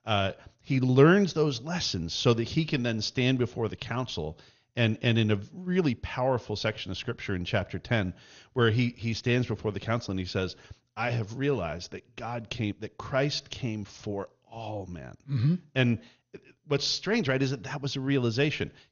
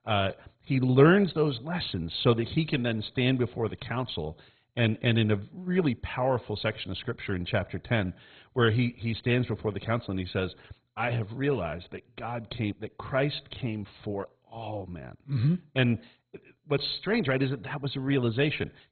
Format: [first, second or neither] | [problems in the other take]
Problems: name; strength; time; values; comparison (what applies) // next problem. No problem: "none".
first | garbled, watery; badly; nothing above 4 kHz; slightly in the first